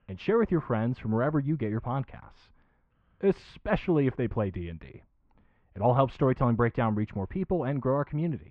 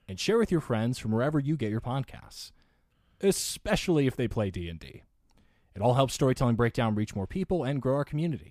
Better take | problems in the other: second | muffled; very; fading above 2 kHz

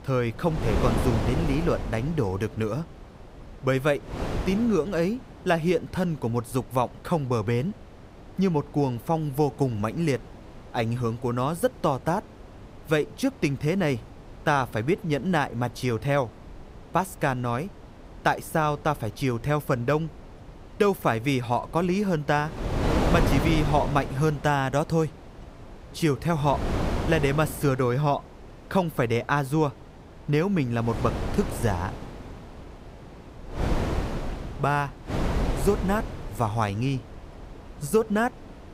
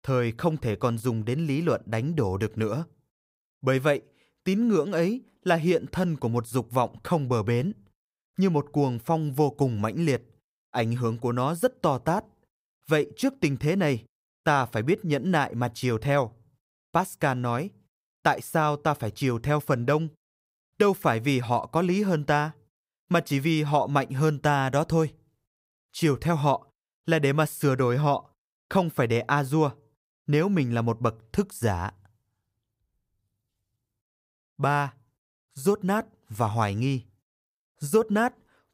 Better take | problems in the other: second | wind noise on the microphone; heavy; 8 dB below the speech

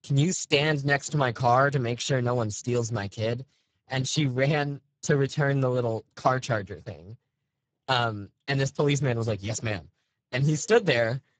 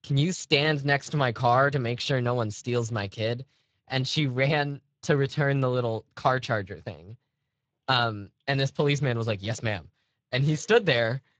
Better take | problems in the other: second | garbled, watery; badly; nothing above 7.5 kHz; slightly in the second

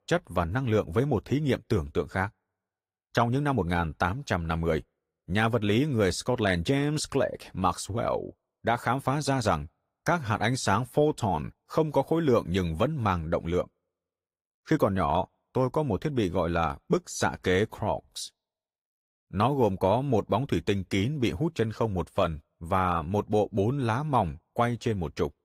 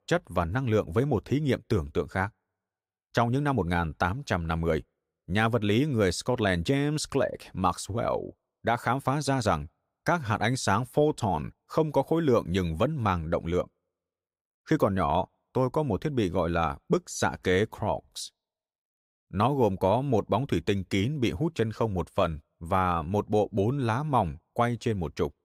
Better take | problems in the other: second | garbled, watery; slightly; nothing above 15.5 kHz

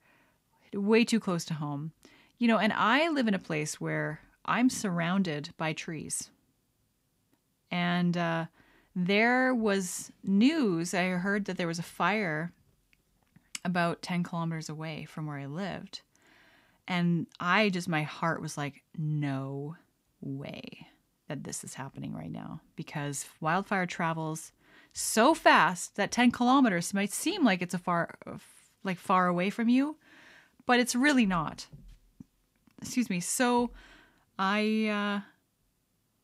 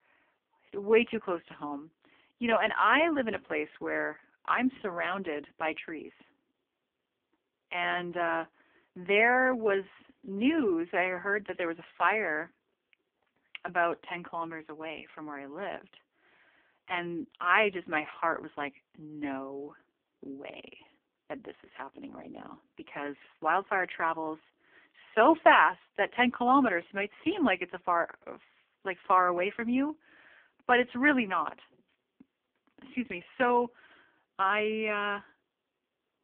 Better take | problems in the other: first | phone-call audio; poor line

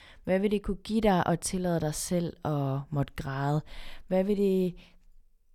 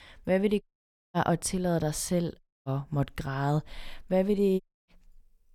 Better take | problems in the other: first | audio cutting out; at 0.5 s for 0.5 s, at 2.5 s and at 4.5 s

